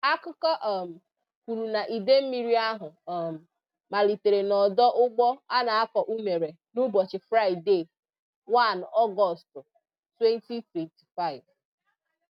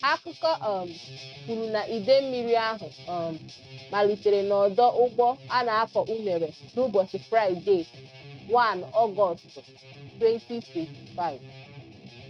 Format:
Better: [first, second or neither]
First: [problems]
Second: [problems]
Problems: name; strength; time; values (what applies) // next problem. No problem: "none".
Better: first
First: none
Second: noise reduction (neural mask model RNNoise)